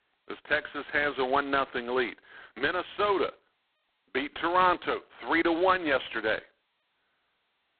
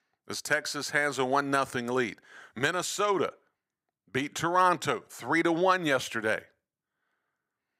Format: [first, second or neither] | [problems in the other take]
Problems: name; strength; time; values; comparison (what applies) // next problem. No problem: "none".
second | phone-call audio; poor line; nothing above 4 kHz